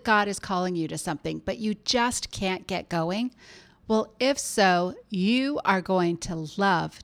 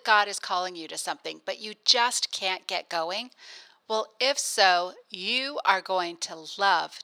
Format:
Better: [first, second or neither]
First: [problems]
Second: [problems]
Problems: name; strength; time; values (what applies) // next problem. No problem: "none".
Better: first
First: none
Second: thin; very; fading below 700 Hz